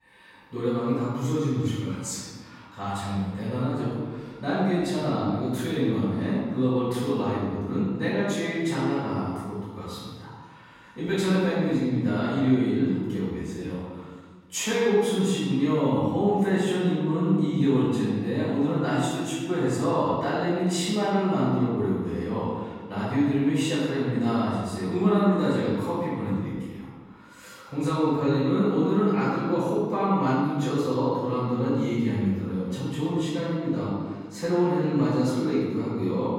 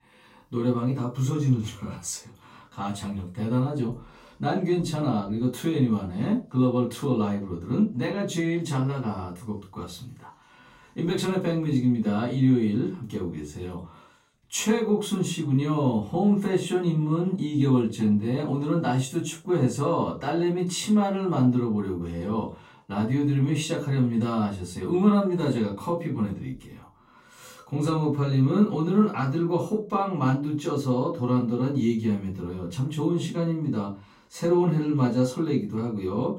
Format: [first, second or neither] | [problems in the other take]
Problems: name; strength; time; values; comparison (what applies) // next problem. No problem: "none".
second | room echo; strong; dies away in 1.3 s; slight in the second // off-mic speech; far; far in the second